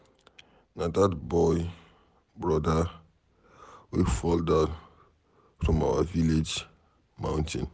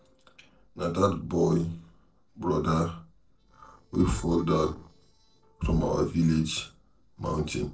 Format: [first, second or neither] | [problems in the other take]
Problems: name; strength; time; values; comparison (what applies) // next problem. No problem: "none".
first | noise reduction (neural separator model SepFormer DNS4)